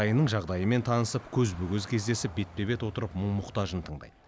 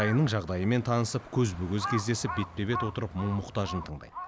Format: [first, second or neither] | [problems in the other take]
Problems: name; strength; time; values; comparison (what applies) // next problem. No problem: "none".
first | background sound (Crow); 11 dB below the speech